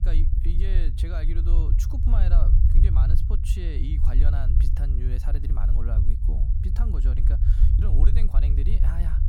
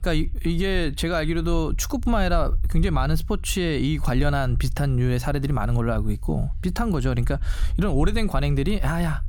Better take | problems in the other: second | low rumble; loud; throughout; 1 dB below the speech; faint in the second

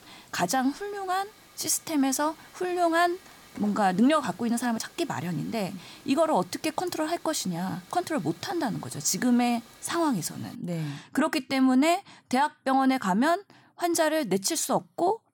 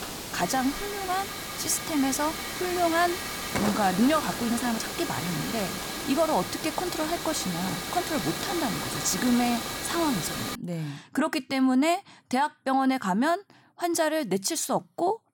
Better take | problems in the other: first | hiss; loud; until 11 s; 4 dB below the speech; faint in the first

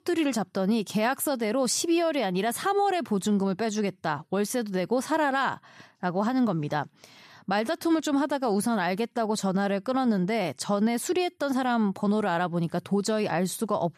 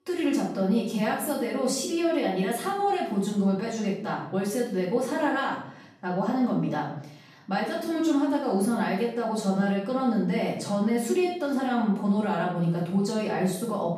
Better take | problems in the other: first | off-mic speech; far // room echo; noticeable; dies away in 0.6 s

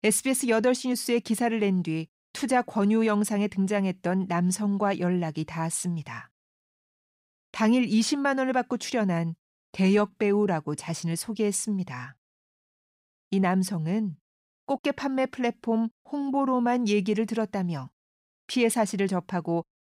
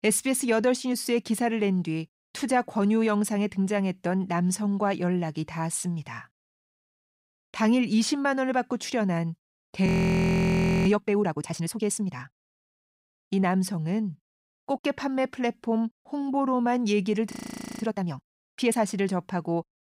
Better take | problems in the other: first | audio freezing; at 10 s for 1 s and at 17 s for 0.5 s

